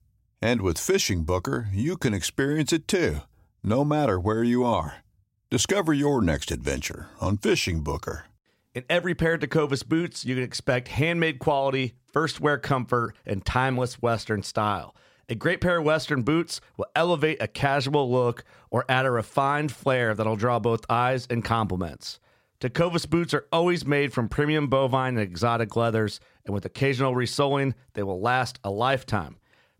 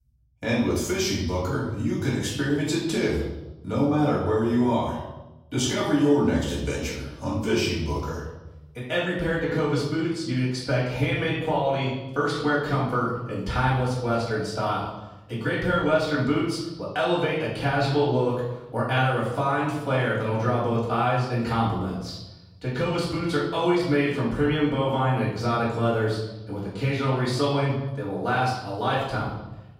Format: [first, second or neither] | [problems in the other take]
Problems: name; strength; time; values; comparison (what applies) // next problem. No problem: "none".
first | off-mic speech; far // room echo; noticeable; dies away in 1 s